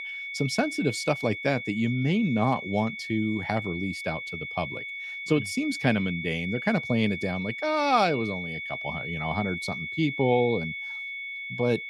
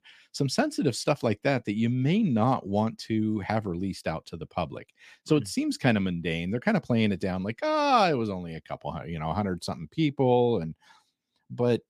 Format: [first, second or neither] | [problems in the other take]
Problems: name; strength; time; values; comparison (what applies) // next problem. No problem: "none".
second | high-pitched whine; loud; throughout; 2 kHz, 6 dB below the speech